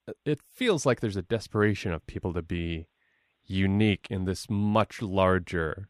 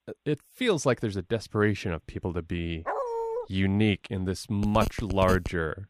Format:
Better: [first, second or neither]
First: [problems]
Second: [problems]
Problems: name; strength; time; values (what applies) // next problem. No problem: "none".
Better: first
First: none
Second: dog barking; noticeable; at 3 s; peak 2 dB below the speech // phone ringing; noticeable; at 4.5 s; peak 6 dB below the speech